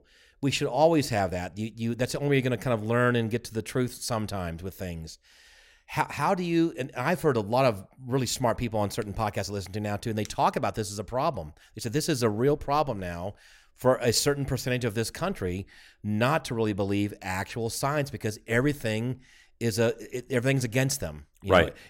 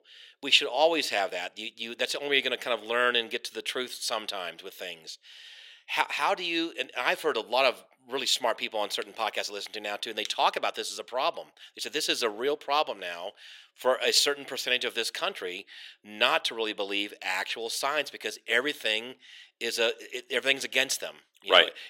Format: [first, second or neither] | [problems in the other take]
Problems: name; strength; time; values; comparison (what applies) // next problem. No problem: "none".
first | thin; very; fading below 400 Hz